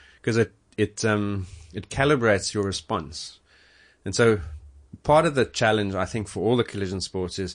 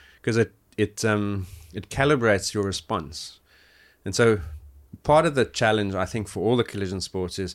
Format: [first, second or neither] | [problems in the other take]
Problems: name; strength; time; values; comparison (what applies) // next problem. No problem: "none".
second | garbled, watery; slightly; nothing above 9 kHz